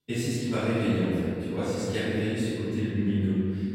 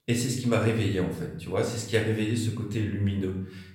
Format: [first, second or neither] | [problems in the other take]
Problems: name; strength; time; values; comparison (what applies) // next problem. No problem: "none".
second | room echo; strong; dies away in 2.7 s; slight in the second // off-mic speech; far; somewhat distant in the second